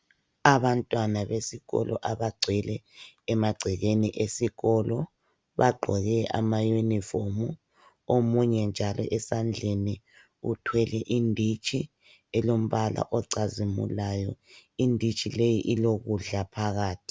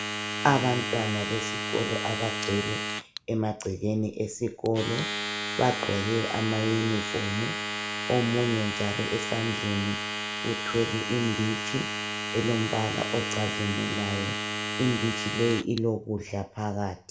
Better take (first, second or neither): first